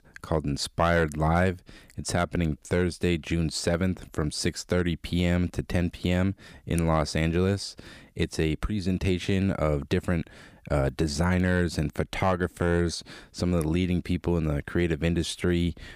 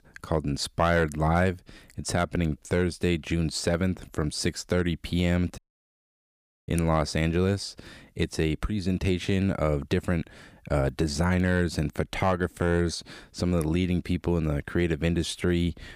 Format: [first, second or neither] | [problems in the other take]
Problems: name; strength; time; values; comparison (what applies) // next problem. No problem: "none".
first | audio cutting out; at 5.5 s for 1 s